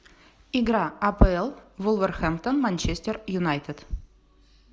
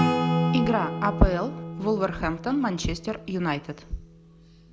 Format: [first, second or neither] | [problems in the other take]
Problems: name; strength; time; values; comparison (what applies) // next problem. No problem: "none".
first | background sound (Acoustic guitar / Strum); 3 dB below the speech